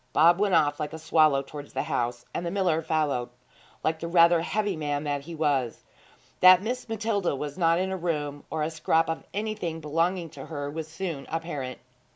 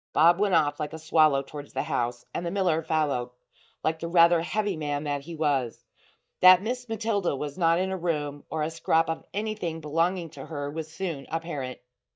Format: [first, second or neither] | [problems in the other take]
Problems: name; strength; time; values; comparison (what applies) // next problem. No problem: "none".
first | noise reduction (neural mask model DeepFilterNet 3)